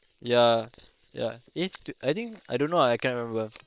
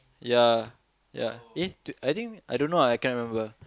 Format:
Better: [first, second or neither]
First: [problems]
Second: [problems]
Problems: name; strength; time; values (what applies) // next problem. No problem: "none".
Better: second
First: noise reduction (neural separator model SepFormer WHAM!)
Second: none